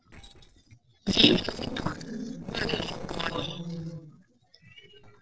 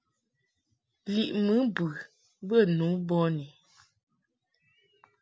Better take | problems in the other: second | noise reduction (neural separator model SepFormer DNS4)

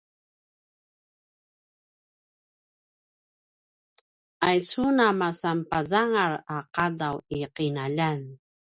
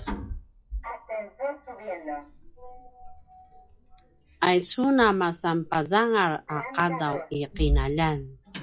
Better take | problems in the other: first | noise reduction (classical method log-MMSE)

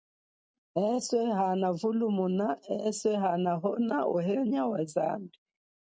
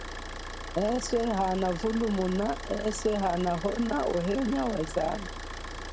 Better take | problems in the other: first | background sound (Idling / Car); 8 dB below the speech

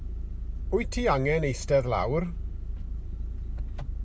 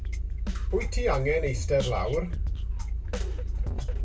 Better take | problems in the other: first | background sound (Drum kit); 12 dB below the speech // room echo; dies away in 0.2 s

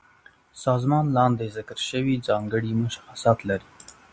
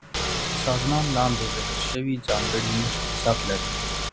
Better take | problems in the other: first | background sound (Engine / Car); as loud as the speech

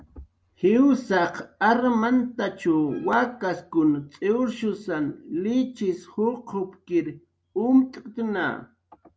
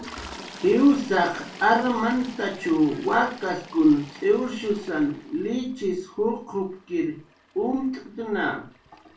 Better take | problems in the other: first | background sound (Toilet flush); 20 dB below the speech // room echo; dies away in 0.2 s

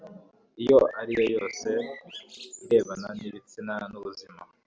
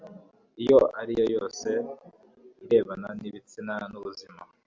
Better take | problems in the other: second | background sound (Bird); 16 dB below the speech

